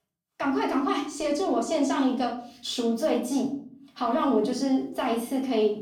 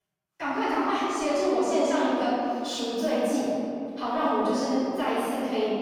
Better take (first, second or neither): first